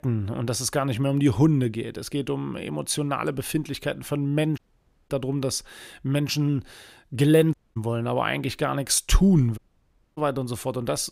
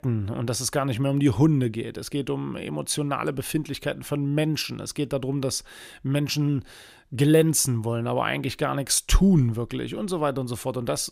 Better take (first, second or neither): second